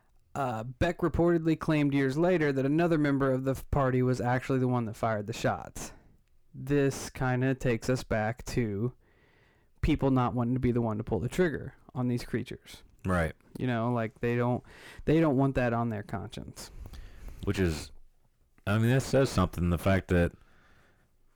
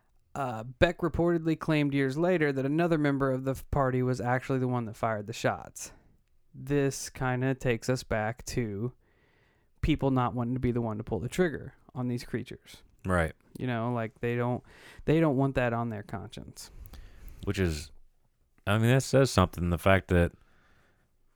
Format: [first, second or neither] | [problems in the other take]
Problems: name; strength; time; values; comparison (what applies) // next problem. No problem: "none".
second | distortion; slight; 8 dB below the speech